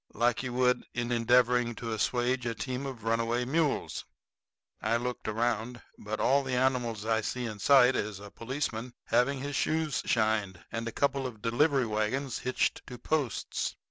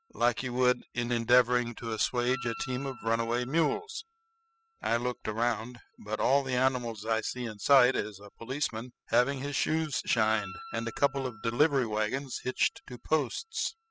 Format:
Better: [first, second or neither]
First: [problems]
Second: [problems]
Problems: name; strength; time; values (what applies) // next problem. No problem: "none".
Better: first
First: none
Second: noise reduction (classical method spectral subtraction)